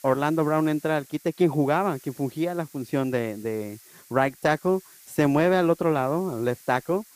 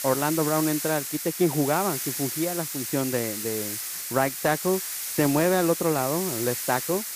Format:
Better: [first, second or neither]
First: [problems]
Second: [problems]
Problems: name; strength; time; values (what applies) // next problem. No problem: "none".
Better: first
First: hiss; faint; throughout; 25 dB below the speech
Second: hiss; loud; throughout; 3 dB below the speech